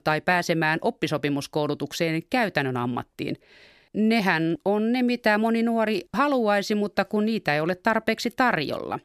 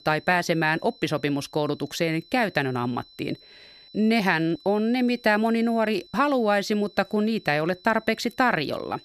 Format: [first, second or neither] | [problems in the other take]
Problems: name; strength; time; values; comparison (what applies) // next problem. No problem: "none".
first | high-pitched whine; faint; throughout; 4 kHz, 25 dB below the speech